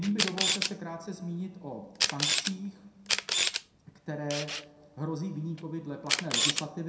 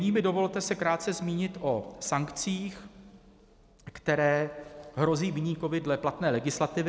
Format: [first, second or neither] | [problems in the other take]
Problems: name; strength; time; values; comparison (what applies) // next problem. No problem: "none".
second | background sound (Camera); 3 dB above the speech // room echo; dies away in 0.6 s